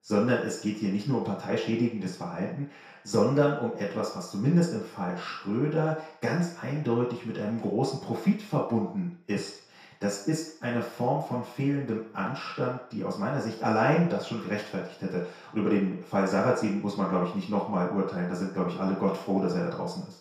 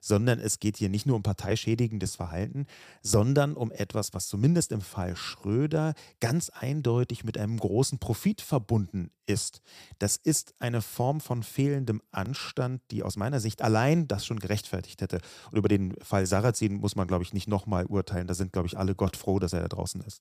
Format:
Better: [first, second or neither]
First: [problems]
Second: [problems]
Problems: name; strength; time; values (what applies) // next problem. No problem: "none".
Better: second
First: room echo; noticeable; dies away in 0.6 s // off-mic speech; far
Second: none